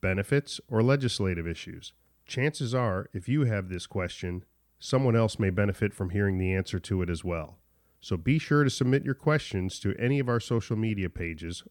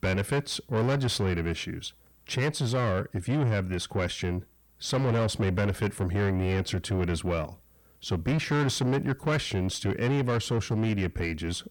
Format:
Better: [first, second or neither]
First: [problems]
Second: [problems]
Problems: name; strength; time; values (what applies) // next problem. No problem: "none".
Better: first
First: none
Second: distortion; heavy; 7 dB below the speech